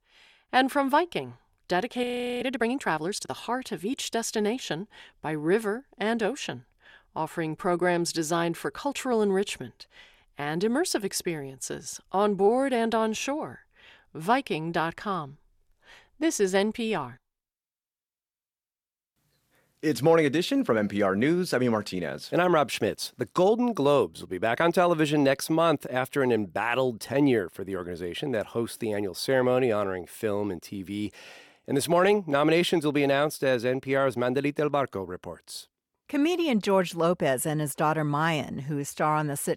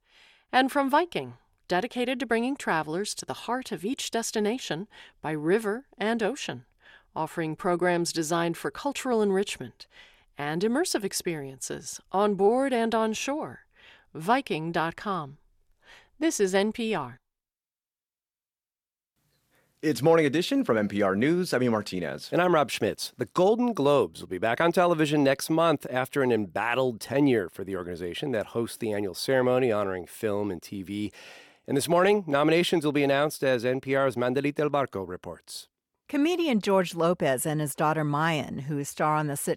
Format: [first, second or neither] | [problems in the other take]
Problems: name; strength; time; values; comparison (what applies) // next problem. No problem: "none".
second | audio freezing; at 2 s